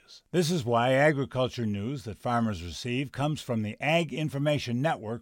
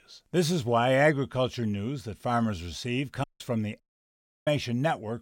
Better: first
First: none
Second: audio cutting out; at 3 s and at 4 s for 0.5 s

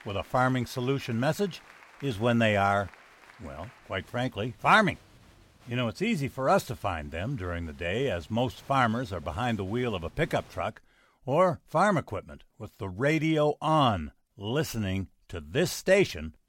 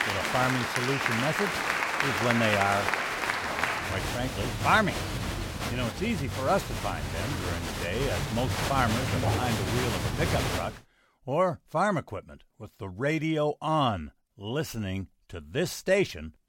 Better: first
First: crowd noise; faint; until 11 s; 25 dB below the speech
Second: crowd noise; loud; until 11 s; as loud as the speech

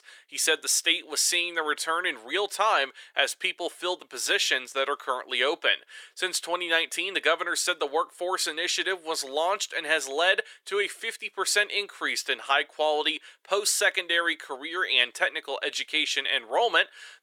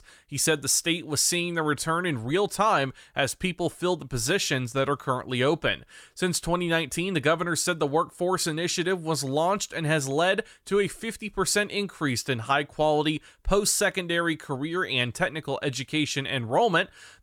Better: second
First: thin; very; fading below 400 Hz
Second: none

